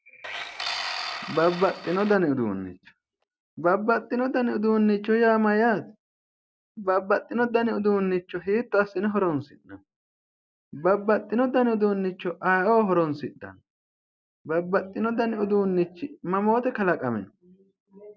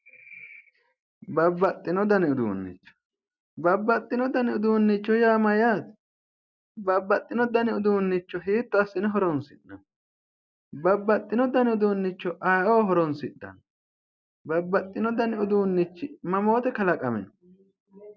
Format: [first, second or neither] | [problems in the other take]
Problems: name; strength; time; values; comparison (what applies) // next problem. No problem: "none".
second | background sound (Tools); 10 dB below the speech